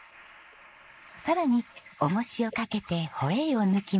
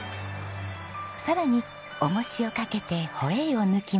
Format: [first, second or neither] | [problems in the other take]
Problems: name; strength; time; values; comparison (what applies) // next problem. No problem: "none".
second | noise reduction (neural mask model Resemble Enhance denoiser)